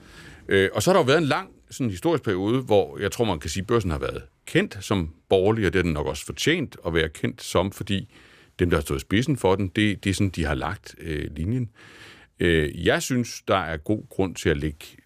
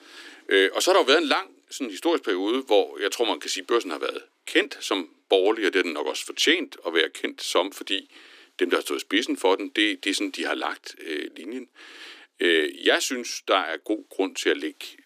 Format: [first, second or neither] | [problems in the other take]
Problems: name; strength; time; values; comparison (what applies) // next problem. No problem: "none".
first | thin; somewhat; fading below 250 Hz